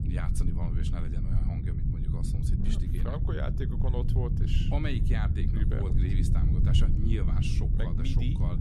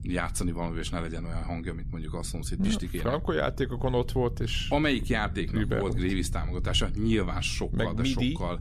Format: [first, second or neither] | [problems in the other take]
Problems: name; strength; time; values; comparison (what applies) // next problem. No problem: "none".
second | low rumble; loud; throughout; 1 dB below the speech; faint in the second